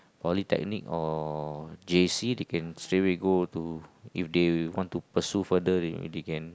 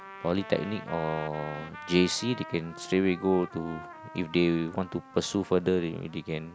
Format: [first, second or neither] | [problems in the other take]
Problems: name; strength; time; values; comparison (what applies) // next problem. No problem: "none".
first | background sound (Trumpet); 15 dB below the speech